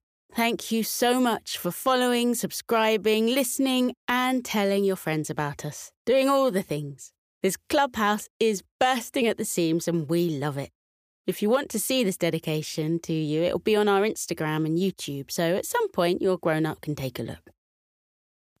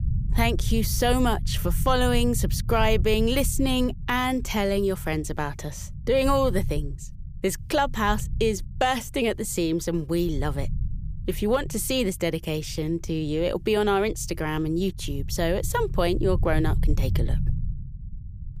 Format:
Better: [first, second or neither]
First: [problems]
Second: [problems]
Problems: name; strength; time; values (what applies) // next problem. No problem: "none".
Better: first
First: none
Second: low rumble; faint; throughout; 20 dB below the speech